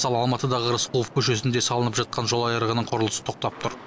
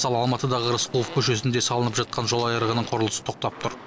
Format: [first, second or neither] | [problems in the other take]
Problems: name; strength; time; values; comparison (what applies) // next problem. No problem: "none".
first | background sound (Fart); 18 dB below the speech